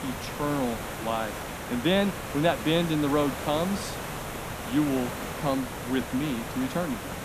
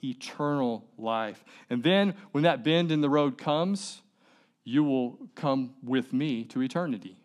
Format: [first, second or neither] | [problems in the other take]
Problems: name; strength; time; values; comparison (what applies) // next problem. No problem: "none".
second | hiss; loud; throughout; 6 dB below the speech